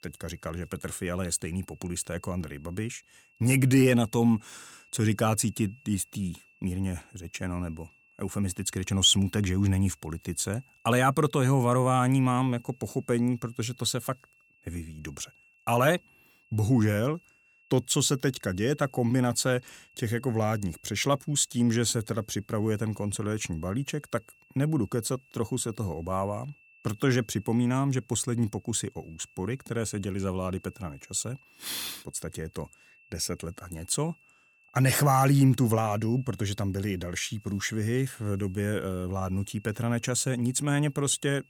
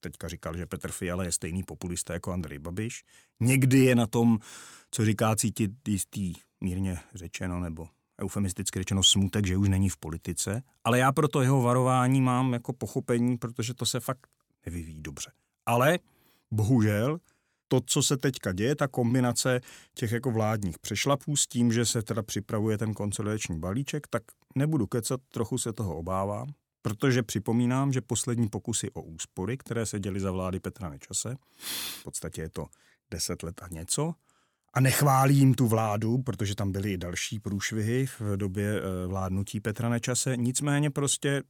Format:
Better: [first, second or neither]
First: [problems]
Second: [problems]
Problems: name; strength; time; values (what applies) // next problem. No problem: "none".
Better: second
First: high-pitched whine; faint; throughout; 2.5 kHz, 30 dB below the speech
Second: none